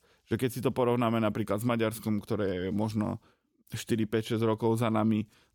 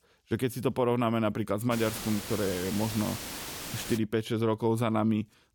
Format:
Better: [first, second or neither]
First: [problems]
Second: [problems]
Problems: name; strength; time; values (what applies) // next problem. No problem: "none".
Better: first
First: none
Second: hiss; loud; from 1.5 to 4 s; 8 dB below the speech